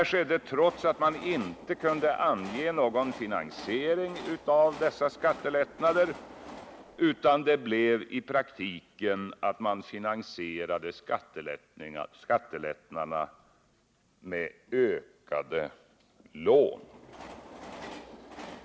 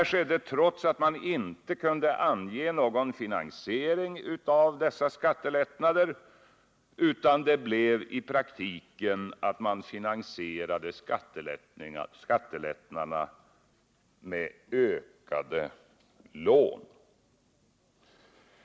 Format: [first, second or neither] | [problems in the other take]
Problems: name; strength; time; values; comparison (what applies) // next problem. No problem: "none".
second | background sound (Train); 19 dB below the speech